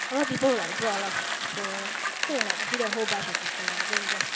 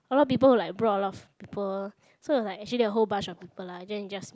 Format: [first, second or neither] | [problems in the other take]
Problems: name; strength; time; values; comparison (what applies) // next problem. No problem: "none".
second | background sound (Bicycle); 2 dB above the speech // room echo; dies away in 1.8 s